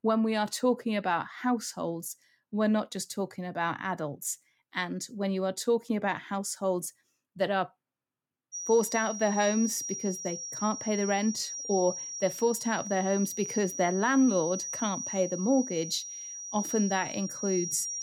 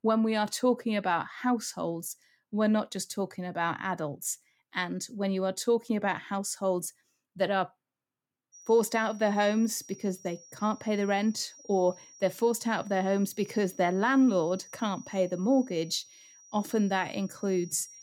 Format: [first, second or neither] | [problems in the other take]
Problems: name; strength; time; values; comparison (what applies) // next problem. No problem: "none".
second | high-pitched whine; loud; from 8.5 s on; 6 kHz, 6 dB below the speech; faint in the second